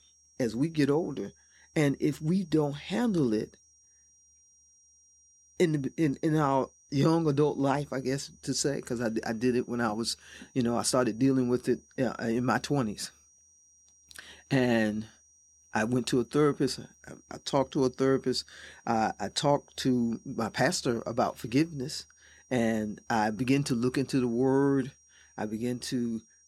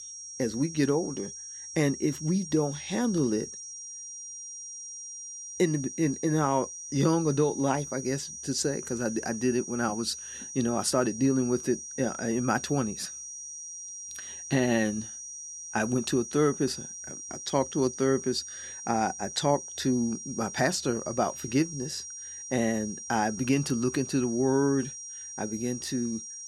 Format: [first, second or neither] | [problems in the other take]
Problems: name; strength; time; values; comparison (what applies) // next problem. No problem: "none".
first | high-pitched whine; loud; throughout; 6 kHz, 9 dB below the speech; faint in the first